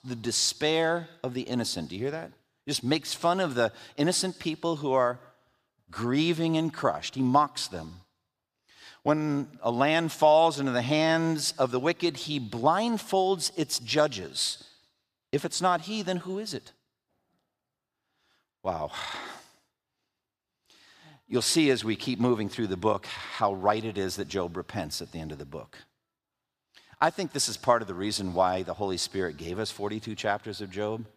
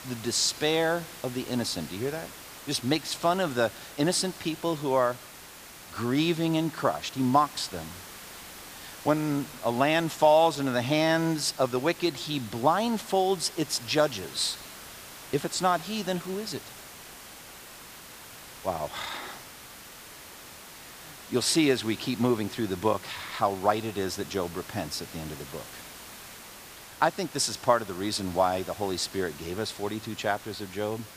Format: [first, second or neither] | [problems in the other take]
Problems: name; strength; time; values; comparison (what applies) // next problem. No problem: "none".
first | hiss; noticeable; throughout; 15 dB below the speech